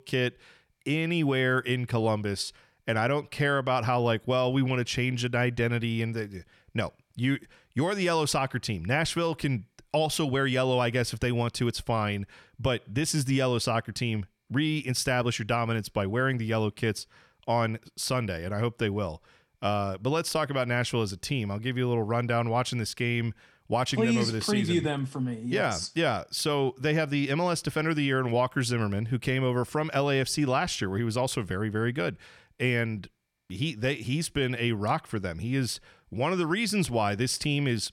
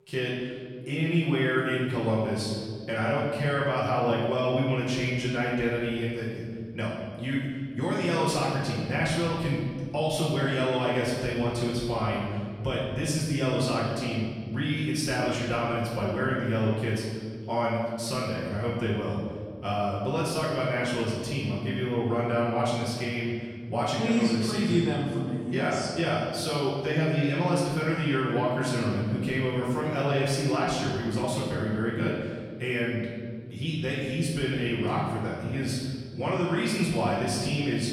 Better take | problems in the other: first | room echo; noticeable; dies away in 1.7 s // off-mic speech; far

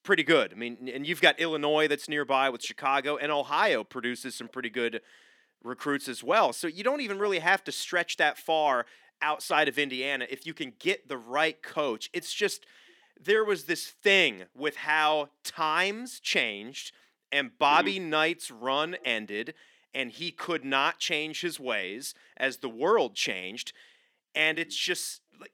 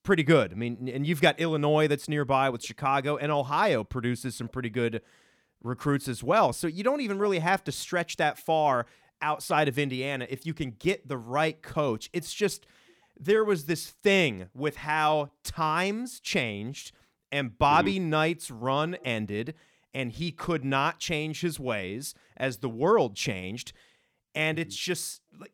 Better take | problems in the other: second | thin; somewhat; fading below 250 Hz

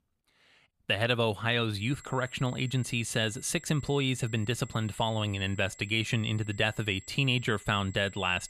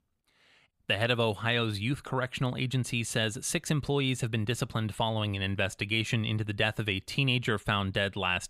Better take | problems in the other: second | high-pitched whine; faint; from 2 s on; 7.5 kHz, 20 dB below the speech

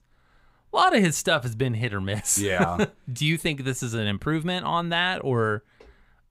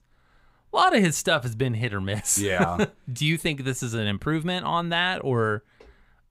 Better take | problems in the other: neither | none

